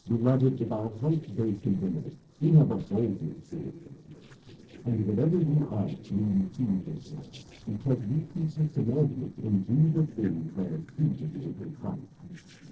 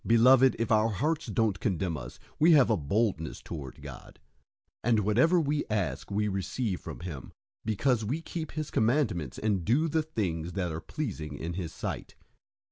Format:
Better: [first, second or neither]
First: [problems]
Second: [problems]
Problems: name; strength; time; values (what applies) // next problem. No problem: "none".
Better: second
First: noise reduction (neural separator model SepFormer DNS4)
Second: none